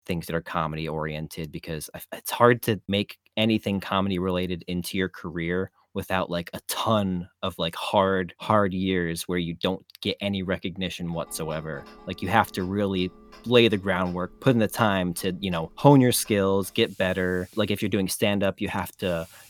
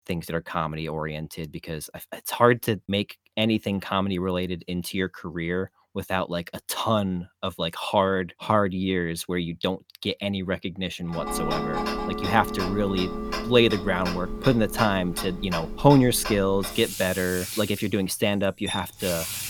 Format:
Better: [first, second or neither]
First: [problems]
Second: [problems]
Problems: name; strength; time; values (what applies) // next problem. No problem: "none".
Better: first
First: household noises; faint; from 11 s on; 25 dB below the speech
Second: household noises; loud; from 11 s on; 6 dB below the speech